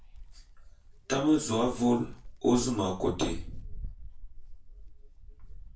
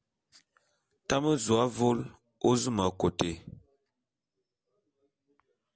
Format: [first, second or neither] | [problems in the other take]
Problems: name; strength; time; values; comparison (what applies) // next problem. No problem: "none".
second | background sound (Wind); 11 dB below the speech // room echo; dies away in 0.3 s